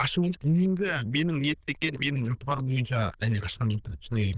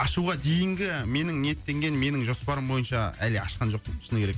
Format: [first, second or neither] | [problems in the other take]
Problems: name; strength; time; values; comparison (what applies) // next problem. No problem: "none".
second | noise reduction (neural diffusion model UNIVERSE++)